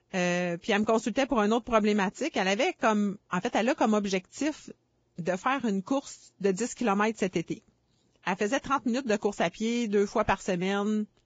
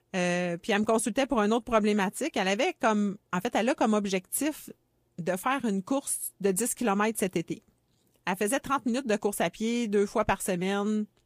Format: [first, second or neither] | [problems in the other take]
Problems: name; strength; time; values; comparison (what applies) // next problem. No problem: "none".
second | garbled, watery; badly; nothing above 7.5 kHz; slightly in the second